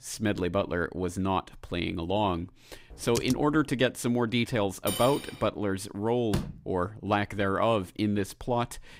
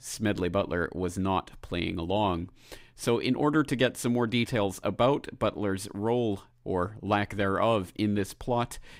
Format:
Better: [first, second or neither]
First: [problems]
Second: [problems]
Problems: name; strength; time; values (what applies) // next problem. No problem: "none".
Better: second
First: keyboard typing; noticeable; at 3 s; peak 7 dB below the speech // clattering dishes; noticeable; at 5 s; peak 5 dB below the speech // door banging; noticeable; at 6.5 s; peak 6 dB below the speech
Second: none